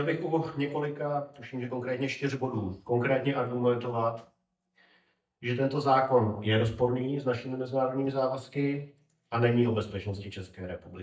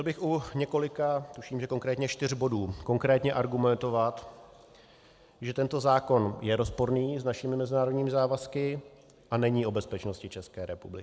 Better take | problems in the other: second | noise reduction (neural mask model DeepFilterNet 3)

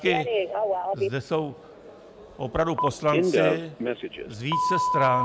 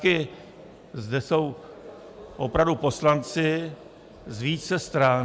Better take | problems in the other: second | background sound (Telephone); 2 dB above the speech

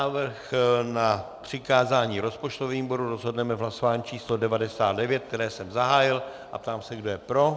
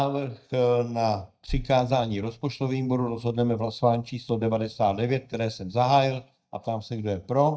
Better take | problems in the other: first | noise reduction (neural mask model DeepFilterNet 3)

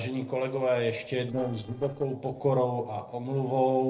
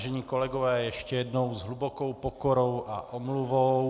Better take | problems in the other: second | noise reduction (neural separator model SepFormer DNS4)

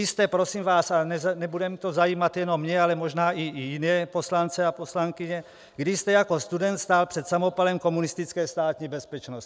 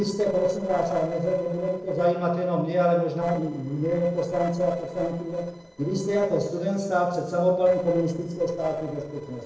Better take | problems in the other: first | noise reduction (neural separator model SepFormer DNS4)

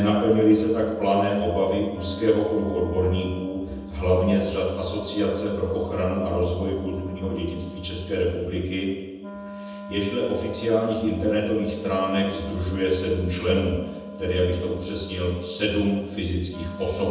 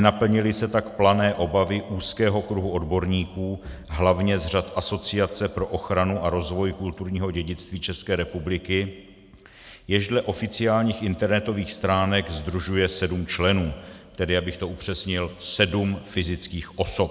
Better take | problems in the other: second | background sound (Wind instrument, woodwind instrument); 15 dB below the speech // room echo; dies away in 1.1 s

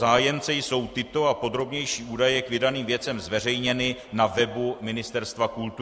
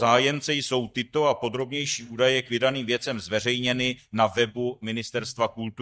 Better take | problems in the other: first | noise reduction (neural mask model DeepFilterNet 3)

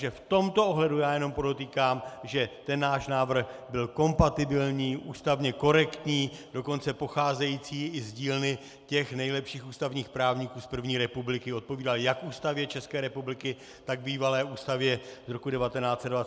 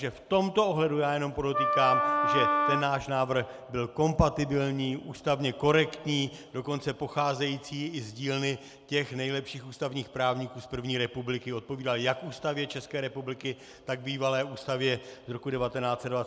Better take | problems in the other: first | background sound (Wind instrument, woodwind instrument); 3 dB above the speech

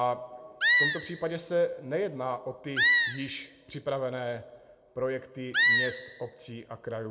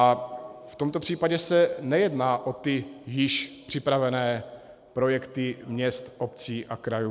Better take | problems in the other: second | background sound (Animal); 5 dB above the speech // room echo; dies away in 0.2 s

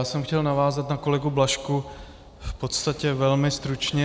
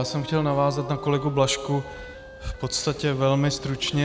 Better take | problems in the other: first | background sound (Wind instrument, woodwind instrument); 15 dB below the speech

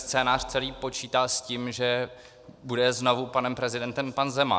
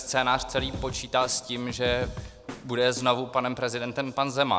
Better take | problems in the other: first | background sound (Snare drum / Drum kit); 11 dB below the speech

